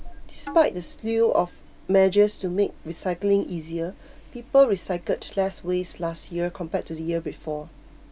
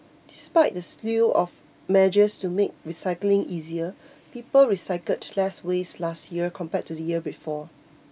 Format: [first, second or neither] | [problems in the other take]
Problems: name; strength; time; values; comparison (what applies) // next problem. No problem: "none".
second | background sound (Tabla + Engine starting); 18 dB below the speech